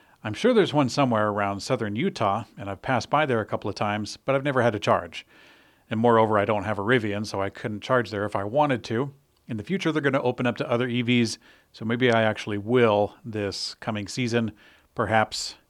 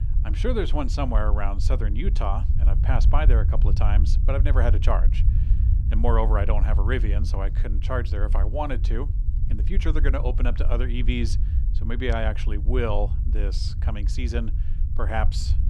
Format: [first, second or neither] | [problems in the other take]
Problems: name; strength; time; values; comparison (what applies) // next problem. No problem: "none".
first | low rumble; noticeable; throughout; 10 dB below the speech